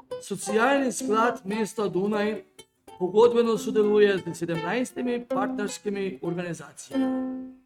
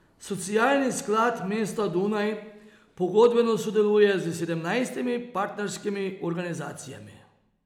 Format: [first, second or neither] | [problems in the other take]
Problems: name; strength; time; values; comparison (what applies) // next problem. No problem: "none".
second | noise reduction (neural mask model RNNoise)